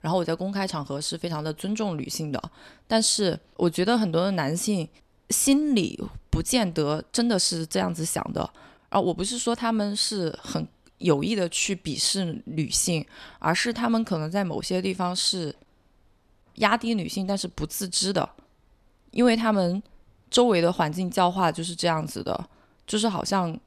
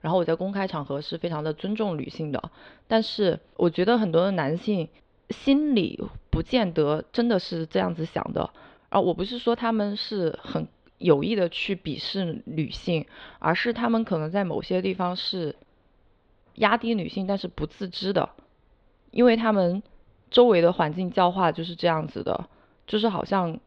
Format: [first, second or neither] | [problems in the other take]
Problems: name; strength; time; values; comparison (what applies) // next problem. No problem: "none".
first | muffled; slightly; fading above 4 kHz